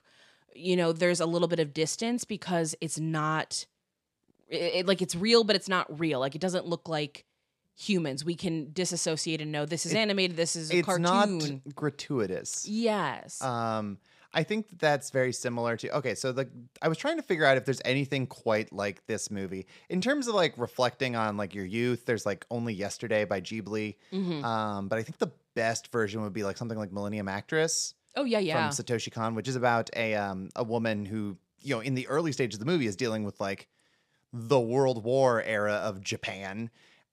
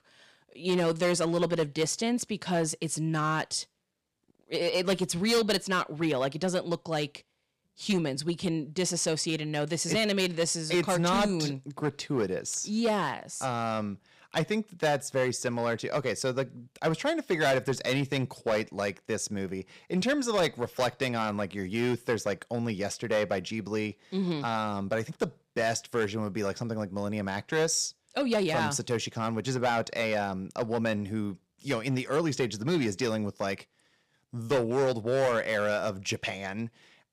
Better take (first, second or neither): first